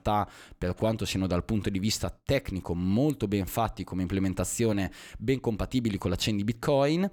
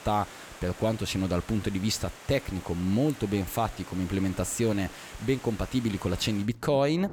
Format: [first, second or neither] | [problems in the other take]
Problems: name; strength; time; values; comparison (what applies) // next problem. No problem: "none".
first | rain or running water; noticeable; throughout; 15 dB below the speech